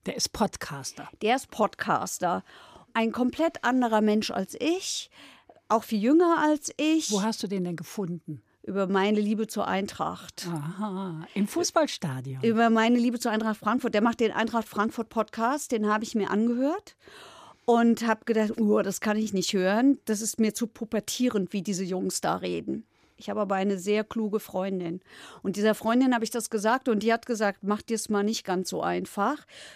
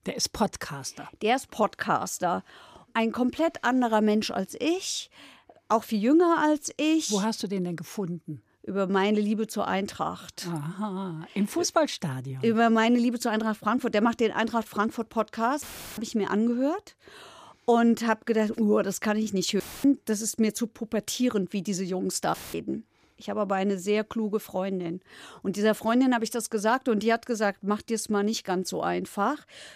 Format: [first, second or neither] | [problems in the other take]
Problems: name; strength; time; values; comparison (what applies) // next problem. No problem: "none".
first | audio cutting out; filled with static; at 16 s, at 20 s and at 22 s